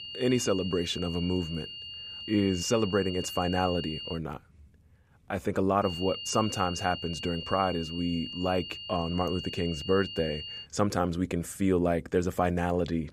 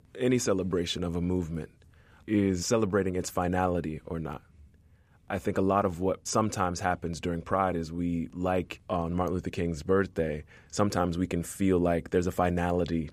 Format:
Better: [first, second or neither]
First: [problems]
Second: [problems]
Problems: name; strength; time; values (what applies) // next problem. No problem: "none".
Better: second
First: high-pitched whine; loud; until 4 s and from 6 to 11 s; 3 kHz, 8 dB below the speech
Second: none